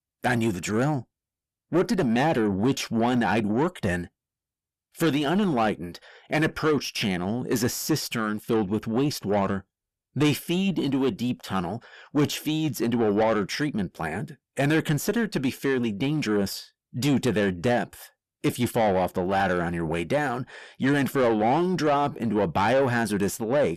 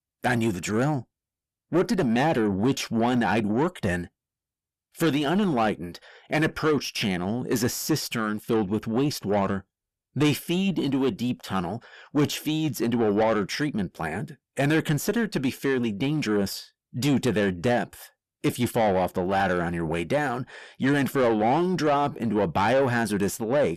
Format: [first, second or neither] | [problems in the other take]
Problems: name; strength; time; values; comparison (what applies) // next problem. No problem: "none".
neither | distortion; slight; 9 dB below the speech; the same in both